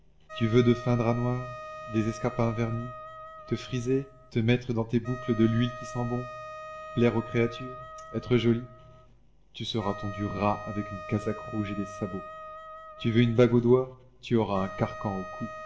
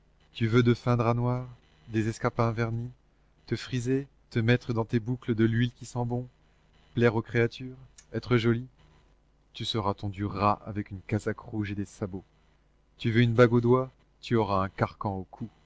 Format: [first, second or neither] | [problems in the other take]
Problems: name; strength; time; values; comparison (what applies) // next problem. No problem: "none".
second | background sound (Wind instrument, woodwind instrument); 14 dB below the speech // room echo; dies away in 0.5 s